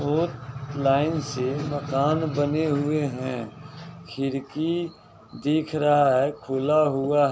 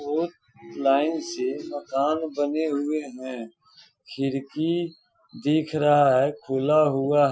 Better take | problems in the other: first | noise reduction (classical method Wiener filter)

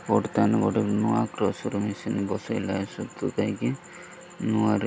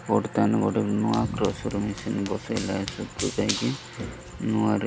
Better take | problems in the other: first | background sound (Run); 11 dB below the speech

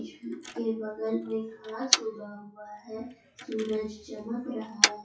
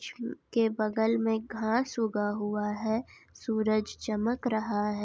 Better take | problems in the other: second | noise reduction (classical method WPE with log-MMSE)

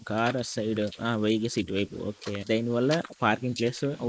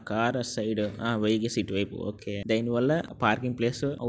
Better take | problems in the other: second | noise reduction (neural mask model Resemble Enhance denoiser)

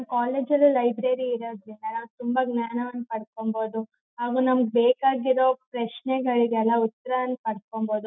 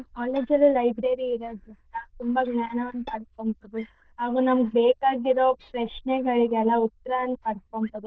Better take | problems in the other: first | noise reduction (neural diffusion model UNIVERSE++)

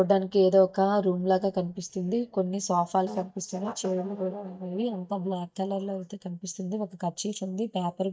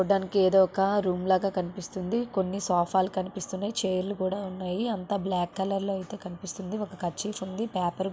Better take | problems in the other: second | noise reduction (neural mask model DeepFilterNet 3)

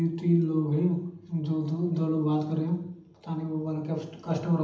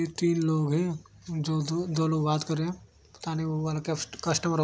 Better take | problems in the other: second | room echo; dies away in 0.8 s

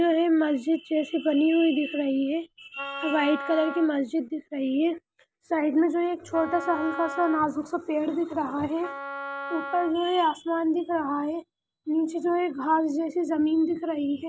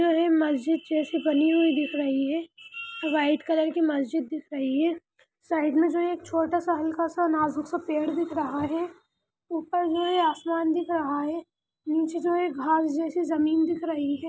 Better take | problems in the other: second | background sound (Wind instrument, woodwind instrument); 11 dB below the speech

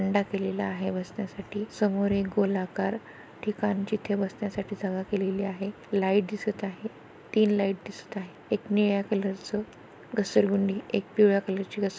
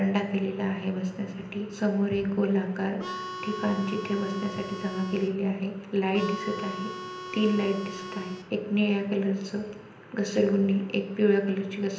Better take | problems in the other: first | background sound (Harmonica); 10 dB below the speech // room echo; dies away in 0.8 s

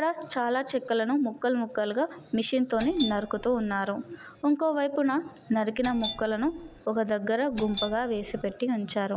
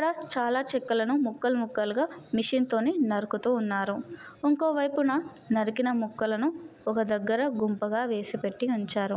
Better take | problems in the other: second | background sound (Doorbell); 11 dB below the speech

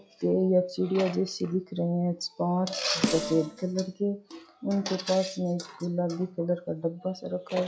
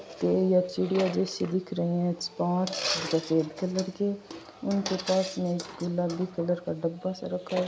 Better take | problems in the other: second | noise reduction (classical method log-MMSE)

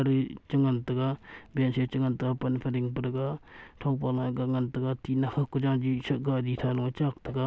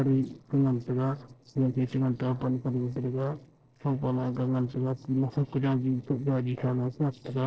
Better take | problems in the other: first | noise reduction (neural separator model SepFormer DNS4)

